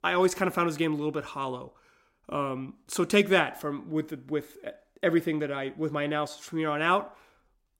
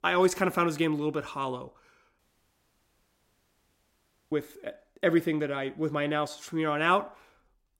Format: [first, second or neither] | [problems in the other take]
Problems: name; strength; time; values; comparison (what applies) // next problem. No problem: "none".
first | audio cutting out; at 2 s for 2 s